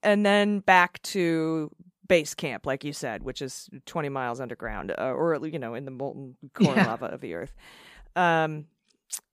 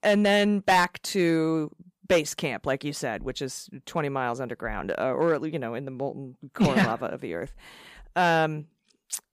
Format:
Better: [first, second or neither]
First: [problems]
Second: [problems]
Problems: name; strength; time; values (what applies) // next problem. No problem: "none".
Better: first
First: none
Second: distortion; slight; 3% of the sound clipped